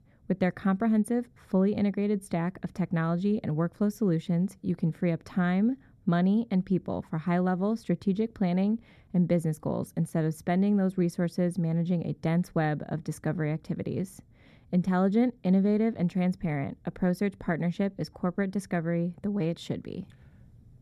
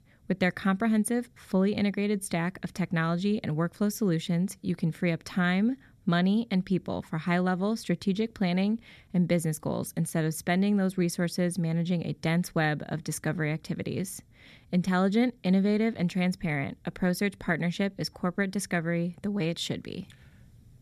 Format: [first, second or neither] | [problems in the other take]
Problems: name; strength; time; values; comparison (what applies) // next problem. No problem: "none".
second | muffled; slightly; fading above 1.5 kHz